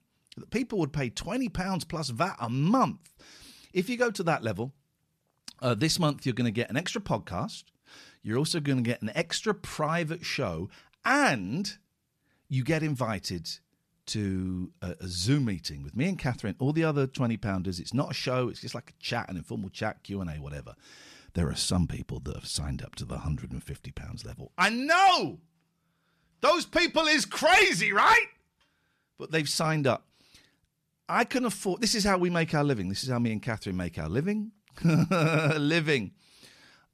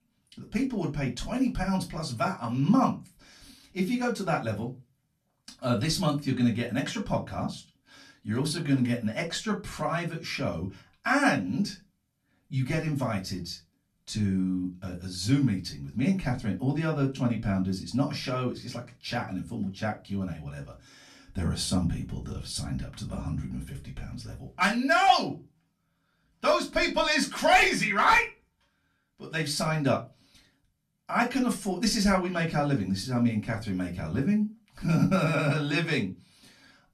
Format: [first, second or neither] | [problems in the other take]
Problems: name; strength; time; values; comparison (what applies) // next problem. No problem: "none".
first | off-mic speech; far // room echo; very slight; dies away in 0.2 s